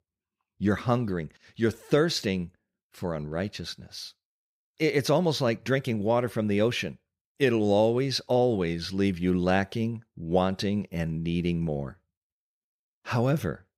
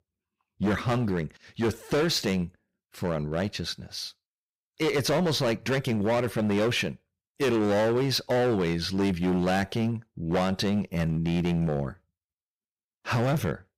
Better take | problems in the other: first | distortion; heavy; 14% of the sound clipped

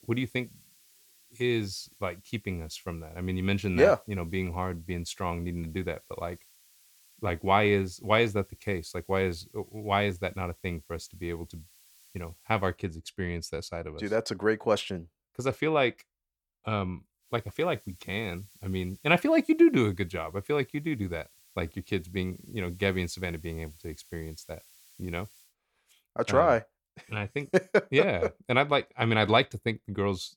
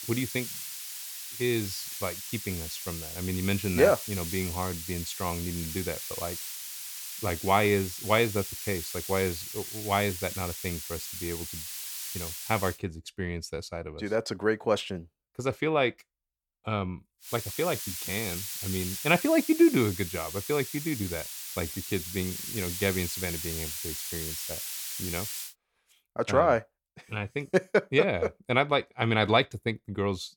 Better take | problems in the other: first | hiss; loud; until 13 s and from 17 to 25 s; 6 dB below the speech; faint in the first

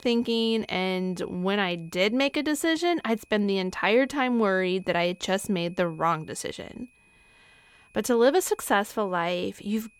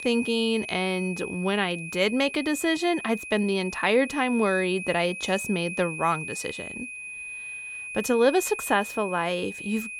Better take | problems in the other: first | high-pitched whine; loud; throughout; 2.5 kHz, 9 dB below the speech; faint in the first

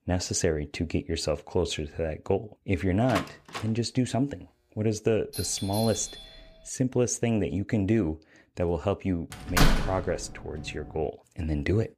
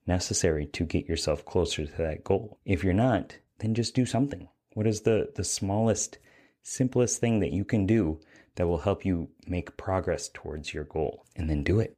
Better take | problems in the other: second | door banging; noticeable; at 3 s; peak 6 dB below the speech // doorbell; noticeable; from 5.5 to 6.5 s; peak 7 dB below the speech // door banging; loud; at 9.5 s; peak 5 dB above the speech

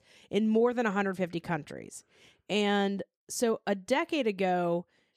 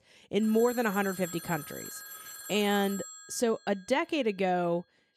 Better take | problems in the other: first | phone ringing; faint; until 4 s; peak 10 dB below the speech

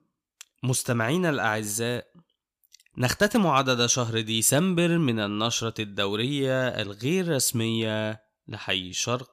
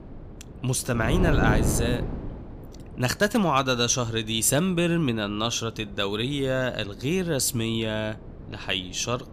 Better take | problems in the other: first | wind noise on the microphone; occasional gusts; 10 dB below the speech

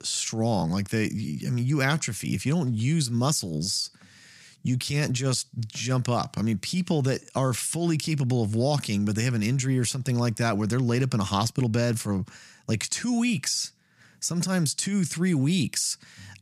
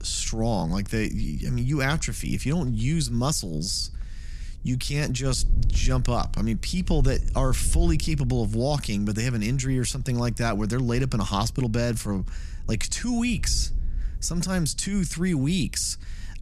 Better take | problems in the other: first | wind noise on the microphone; occasional gusts; 25 dB below the speech

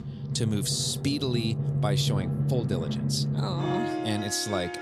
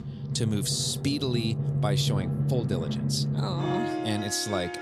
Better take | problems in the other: neither | background music; very loud; throughout; as loud as the speech; the same in both

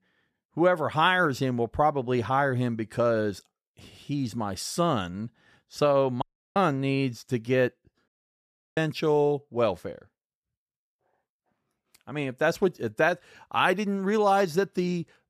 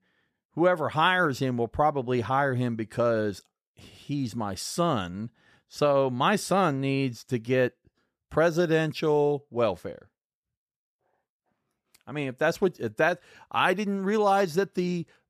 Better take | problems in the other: second | audio cutting out; at 6 s and at 8 s for 0.5 s

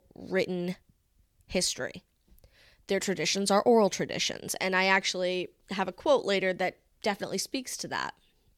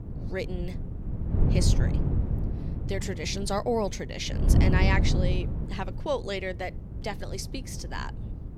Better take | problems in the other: first | wind noise on the microphone; heavy; 7 dB below the speech

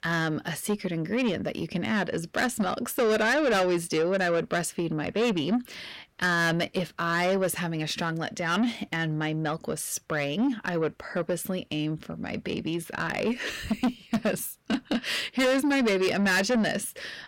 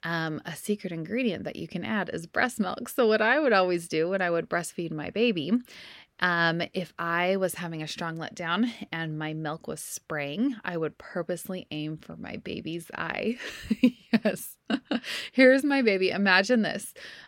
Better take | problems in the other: second | distortion; heavy; 6 dB below the speech

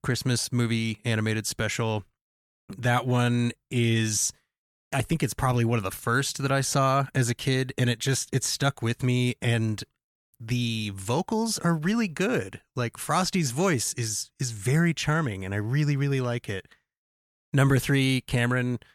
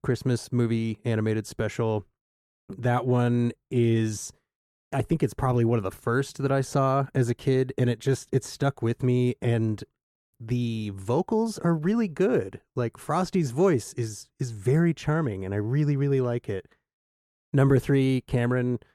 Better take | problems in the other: first | muffled; slightly; fading above 1.5 kHz

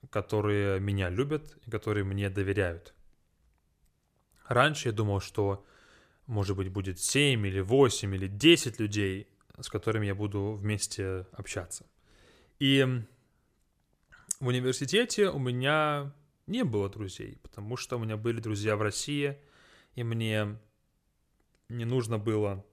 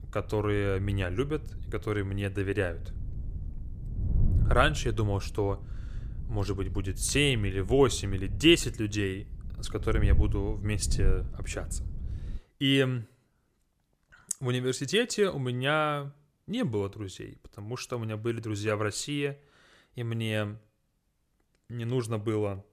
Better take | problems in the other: first | wind noise on the microphone; occasional gusts; until 12 s; 20 dB below the speech

